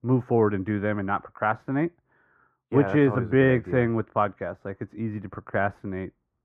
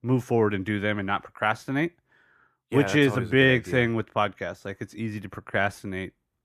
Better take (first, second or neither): second